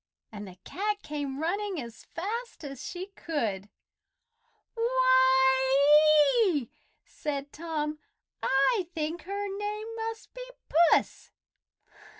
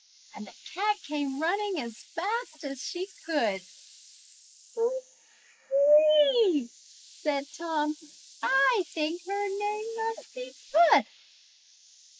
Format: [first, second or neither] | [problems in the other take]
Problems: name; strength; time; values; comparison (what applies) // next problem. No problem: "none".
first | noise reduction (neural mask model Resemble Enhance denoiser)